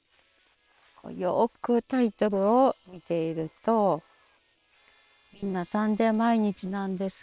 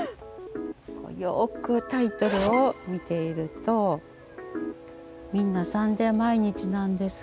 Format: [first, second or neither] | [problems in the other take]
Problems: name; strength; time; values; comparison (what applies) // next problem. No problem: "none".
second | noise reduction (neural separator model SepFormer WHAM!)